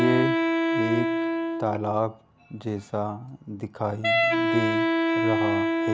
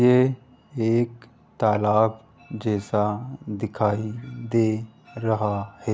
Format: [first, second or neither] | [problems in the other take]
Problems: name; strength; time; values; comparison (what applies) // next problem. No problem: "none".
second | background sound (Wind instrument, woodwind instrument); 4 dB above the speech